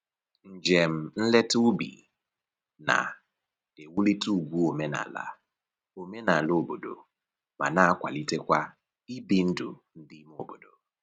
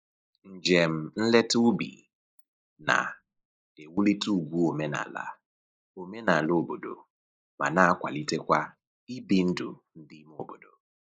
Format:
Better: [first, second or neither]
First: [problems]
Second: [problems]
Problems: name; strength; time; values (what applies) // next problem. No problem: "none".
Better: first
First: none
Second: noise reduction (neural mask model Resemble Enhance denoiser)